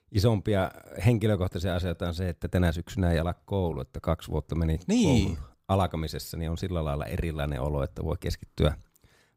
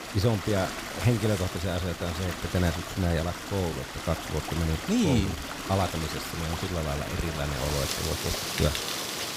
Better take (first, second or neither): first